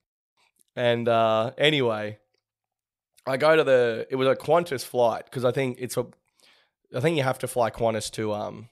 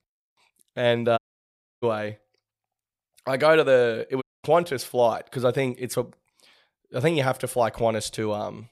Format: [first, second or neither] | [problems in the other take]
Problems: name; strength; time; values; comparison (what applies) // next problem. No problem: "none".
first | audio cutting out; at 1 s for 0.5 s and at 4 s